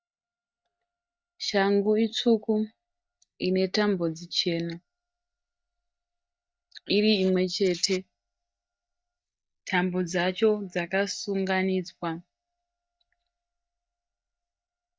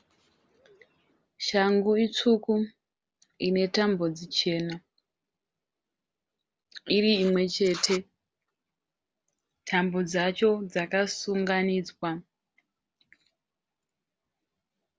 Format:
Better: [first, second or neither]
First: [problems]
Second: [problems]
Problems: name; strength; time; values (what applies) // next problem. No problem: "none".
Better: second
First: noise reduction (neural mask model DeepFilterNet 3)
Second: none